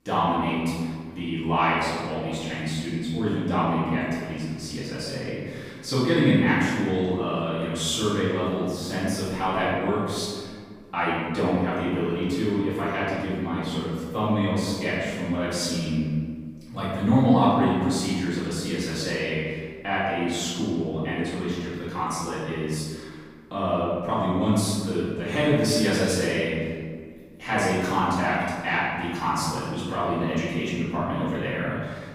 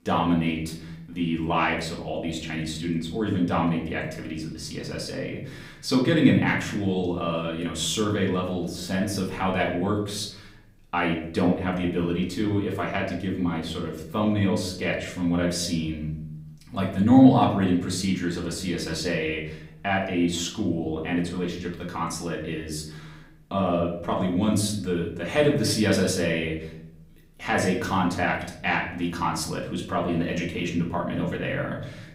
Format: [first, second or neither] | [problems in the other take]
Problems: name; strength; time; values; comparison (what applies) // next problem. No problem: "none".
second | room echo; strong; dies away in 1.6 s; slight in the second // off-mic speech; far; far in the second